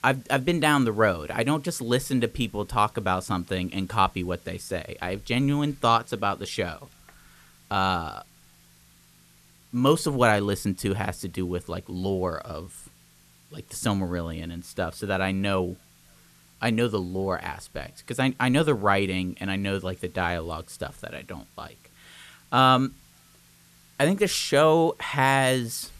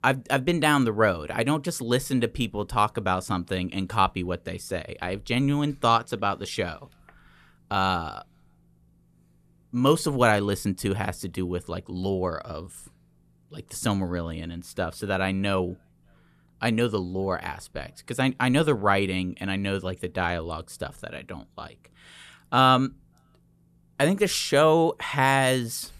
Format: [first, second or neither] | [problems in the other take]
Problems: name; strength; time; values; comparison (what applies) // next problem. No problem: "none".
second | hiss; faint; throughout; 30 dB below the speech